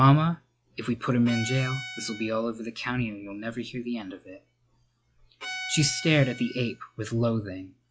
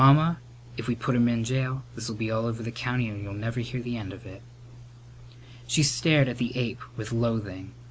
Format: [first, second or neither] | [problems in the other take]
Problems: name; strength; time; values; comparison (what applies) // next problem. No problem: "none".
second | noise reduction (classical method log-MMSE)